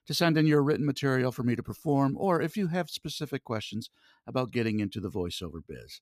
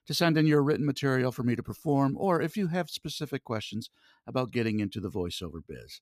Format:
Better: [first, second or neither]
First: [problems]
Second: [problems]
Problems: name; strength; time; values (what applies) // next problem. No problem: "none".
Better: neither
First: none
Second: none